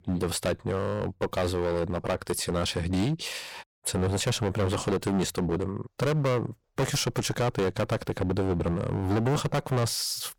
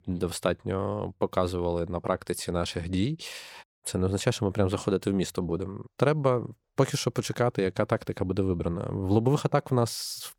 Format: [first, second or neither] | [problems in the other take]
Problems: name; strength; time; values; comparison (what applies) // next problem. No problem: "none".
second | distortion; heavy; 14% of the sound clipped